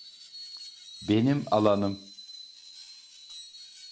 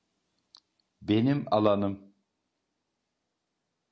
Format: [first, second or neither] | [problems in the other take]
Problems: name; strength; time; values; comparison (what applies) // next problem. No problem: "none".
second | background sound (Screech); 17 dB below the speech